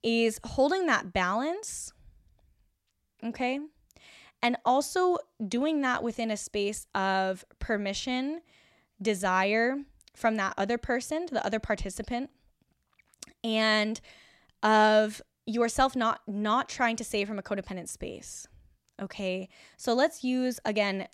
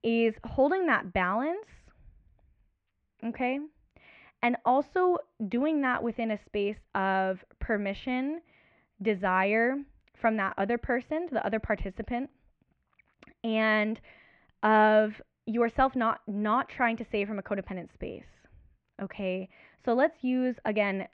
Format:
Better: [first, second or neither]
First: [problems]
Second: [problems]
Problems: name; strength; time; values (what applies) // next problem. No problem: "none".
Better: first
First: none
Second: muffled; very; fading above 2.5 kHz